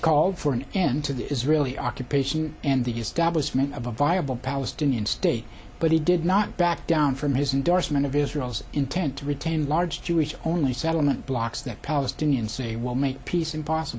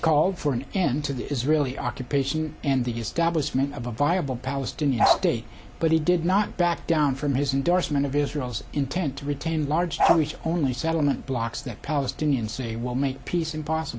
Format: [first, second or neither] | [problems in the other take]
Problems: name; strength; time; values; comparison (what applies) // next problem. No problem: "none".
first | background sound (Bark); 1 dB above the speech